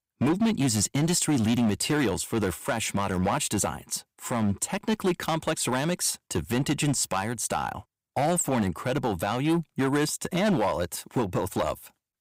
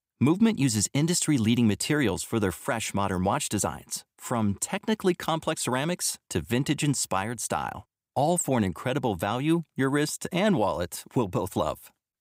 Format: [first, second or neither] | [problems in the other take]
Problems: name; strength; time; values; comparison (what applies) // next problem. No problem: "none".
second | distortion; slight; 8% of the sound clipped